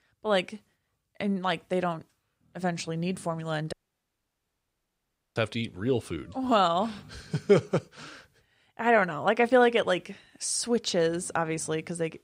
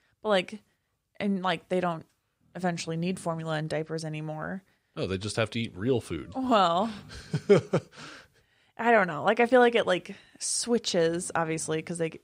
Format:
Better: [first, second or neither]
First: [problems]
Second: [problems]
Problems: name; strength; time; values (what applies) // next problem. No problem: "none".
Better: second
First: audio cutting out; at 3.5 s for 1.5 s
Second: none